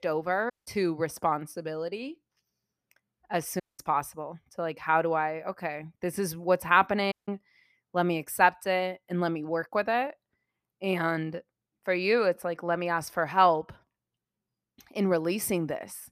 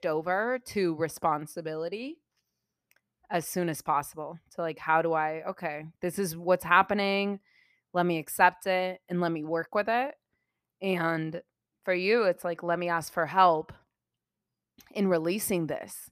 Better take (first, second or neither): second